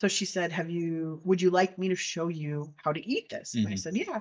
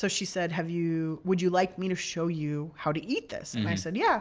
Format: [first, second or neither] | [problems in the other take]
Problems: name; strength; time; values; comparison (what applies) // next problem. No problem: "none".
second | noise reduction (neural mask model DeepFilterNet 3)